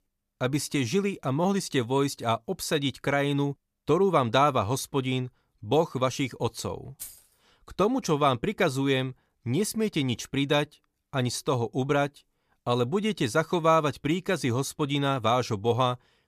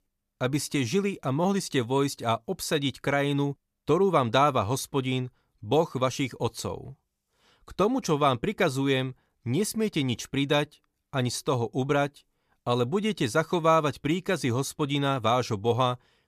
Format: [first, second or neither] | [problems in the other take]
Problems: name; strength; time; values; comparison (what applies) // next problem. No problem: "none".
second | jangling keys; faint; at 7 s; peak 15 dB below the speech